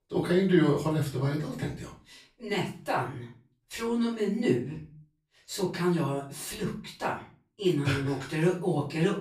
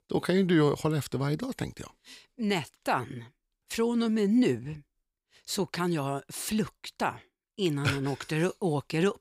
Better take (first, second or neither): second